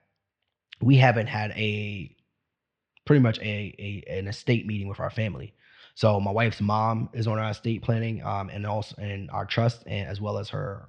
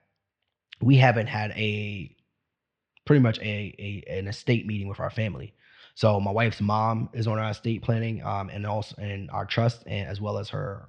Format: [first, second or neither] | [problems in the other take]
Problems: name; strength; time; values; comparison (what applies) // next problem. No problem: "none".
neither | muffled; slightly; fading above 4 kHz; the same in both